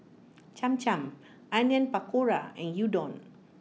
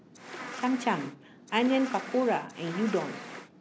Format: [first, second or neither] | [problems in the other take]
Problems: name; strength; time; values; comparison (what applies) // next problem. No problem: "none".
first | background sound (Insect); 11 dB below the speech